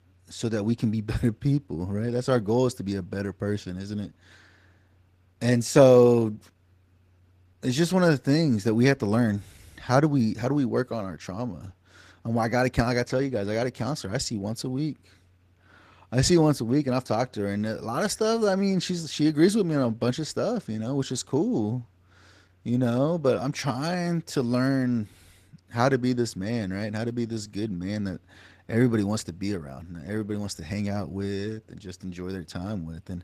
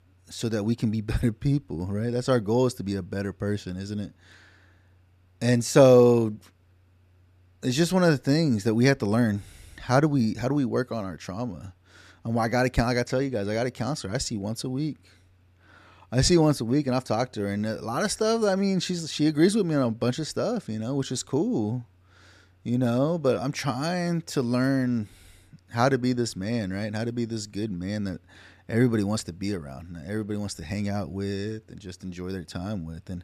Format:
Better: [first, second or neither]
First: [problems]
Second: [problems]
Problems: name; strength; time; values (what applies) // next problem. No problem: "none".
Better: second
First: garbled, watery; slightly; nothing above 14.5 kHz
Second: none